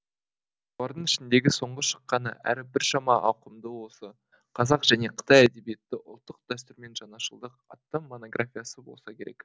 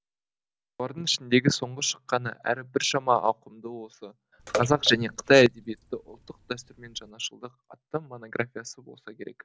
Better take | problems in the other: first | background sound (Bathtub (filling or washing) / Water / Splash, splatter); 11 dB below the speech

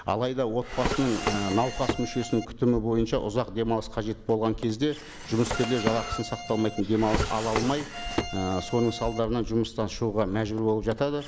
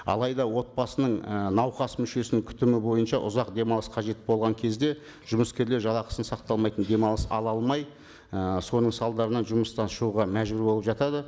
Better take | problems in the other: second | background sound (Bowed string instrument + Drawer open or close); 8 dB below the speech

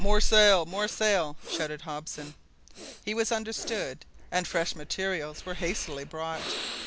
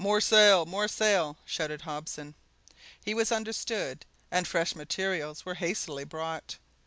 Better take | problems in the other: second | background sound (Breathing); 2 dB below the speech

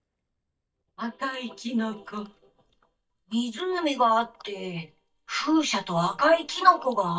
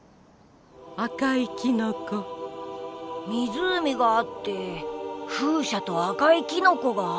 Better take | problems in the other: second | noise reduction (neural mask model DeepFilterNet 3)

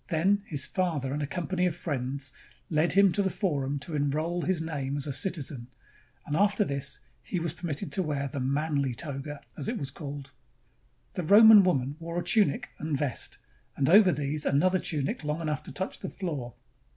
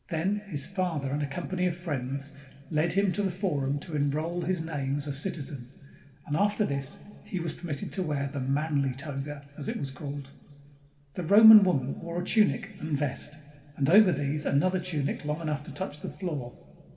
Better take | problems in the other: first | room echo; dies away in 2.2 s

